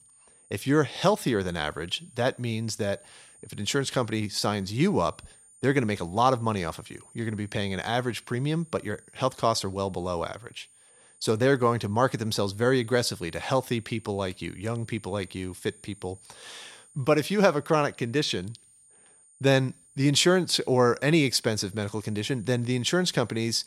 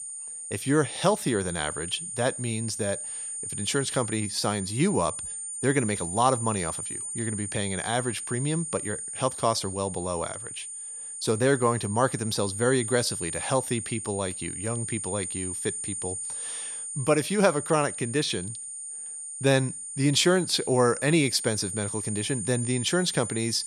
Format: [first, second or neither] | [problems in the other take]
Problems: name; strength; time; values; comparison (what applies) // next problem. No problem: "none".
first | high-pitched whine; loud; throughout; 9 kHz, 6 dB below the speech; faint in the first